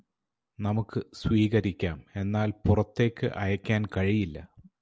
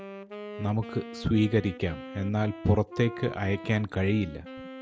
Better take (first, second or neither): first